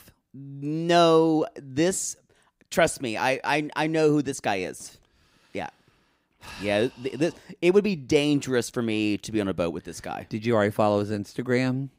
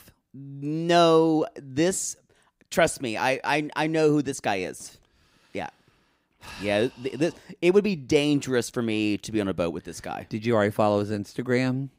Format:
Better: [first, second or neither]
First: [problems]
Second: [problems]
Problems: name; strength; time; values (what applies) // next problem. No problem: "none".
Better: neither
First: none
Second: none